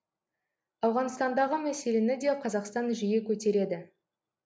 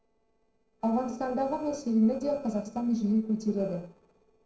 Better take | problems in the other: first | noise reduction (neural separator model SepFormer DNS4)

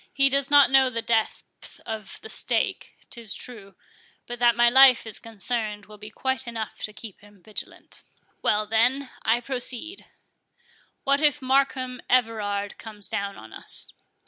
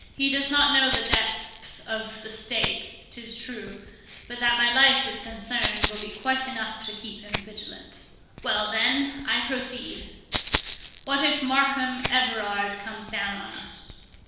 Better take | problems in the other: first | background sound (Rattle (instrument)); 9 dB below the speech // room echo; dies away in 1.1 s

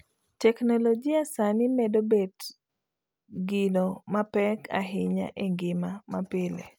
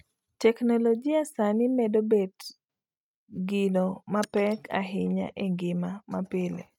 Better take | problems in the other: first | noise reduction (neural mask model RNNoise)

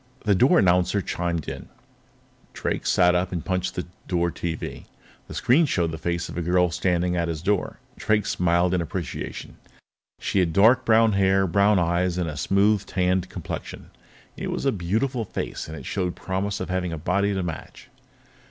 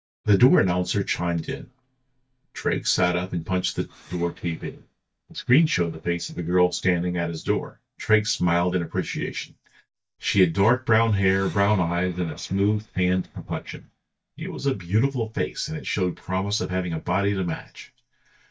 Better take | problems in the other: first | noise reduction (neural mask model DeepFilterNet 3)

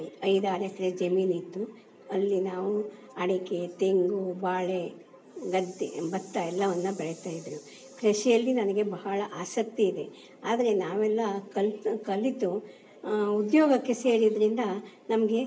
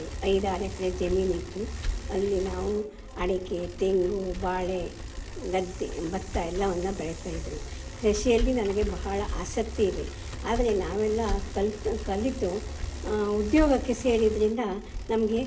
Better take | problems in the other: first | background sound (Bicycle); 7 dB below the speech

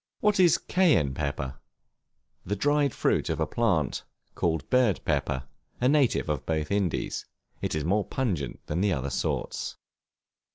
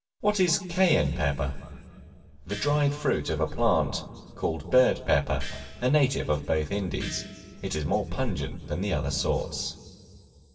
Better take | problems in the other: first | background sound (Gong); 18 dB below the speech // room echo; dies away in 2.6 s

